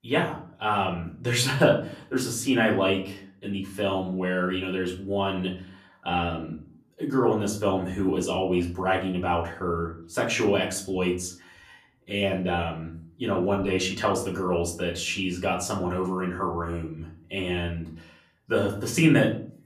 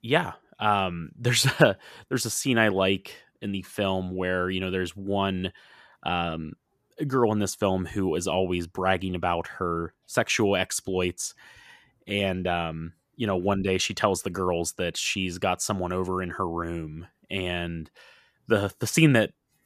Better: second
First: off-mic speech; far // room echo; slight; dies away in 0.4 s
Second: none

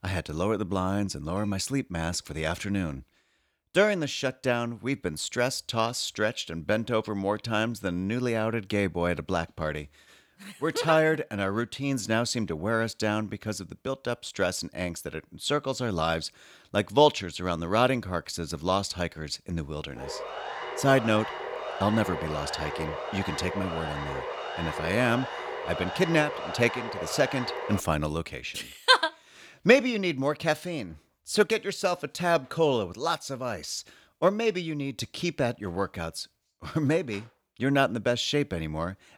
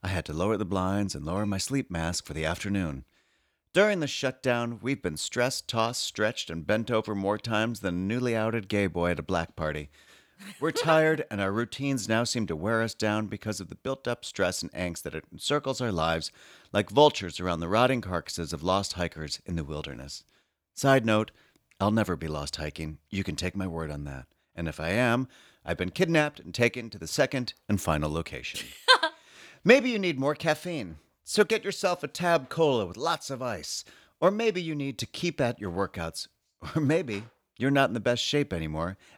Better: second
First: siren; noticeable; from 20 to 28 s; peak 6 dB below the speech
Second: none

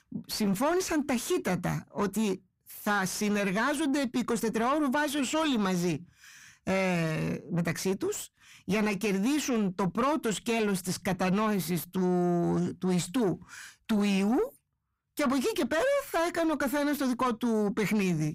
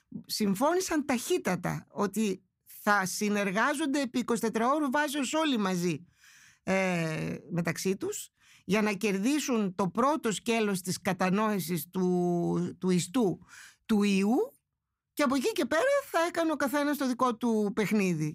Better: second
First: distortion; slight; 10 dB below the speech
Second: none

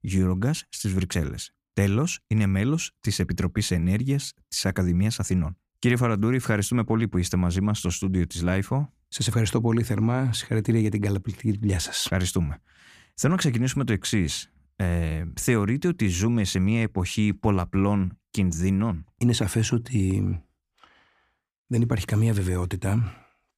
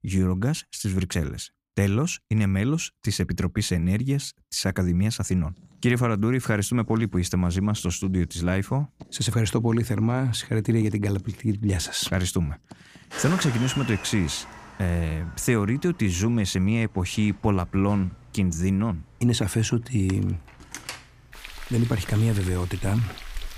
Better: first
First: none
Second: household noises; noticeable; from 5.5 s on; 15 dB below the speech

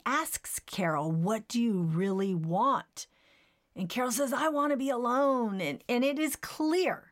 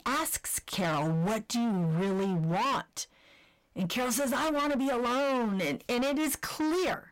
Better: first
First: none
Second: distortion; heavy; 34% of the sound clipped

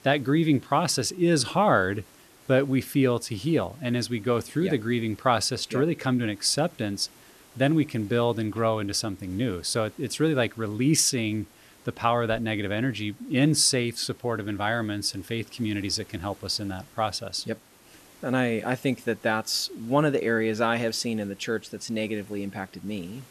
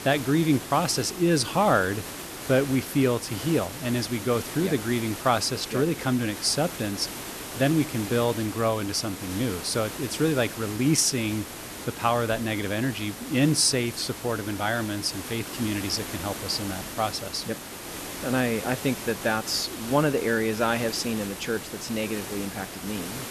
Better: first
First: hiss; faint; throughout; 25 dB below the speech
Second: hiss; loud; throughout; 9 dB below the speech

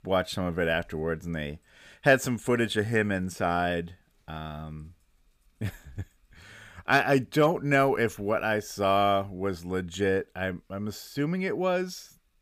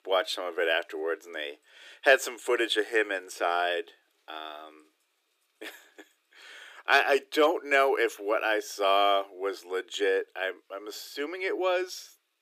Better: first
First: none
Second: thin; very; fading below 300 Hz

